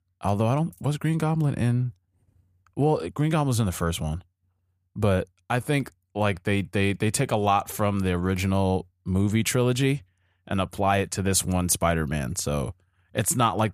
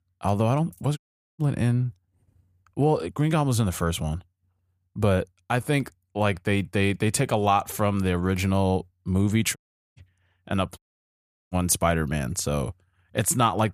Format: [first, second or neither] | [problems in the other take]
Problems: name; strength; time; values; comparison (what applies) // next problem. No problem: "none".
first | audio cutting out; at 1 s, at 9.5 s and at 11 s for 0.5 s